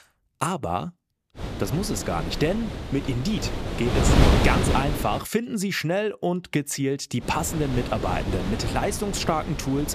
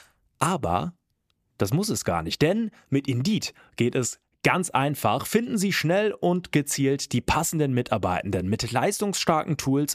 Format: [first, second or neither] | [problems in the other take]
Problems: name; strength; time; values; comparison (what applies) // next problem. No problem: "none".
second | wind noise on the microphone; heavy; from 1.5 to 5 s and from 7 s on; 3 dB below the speech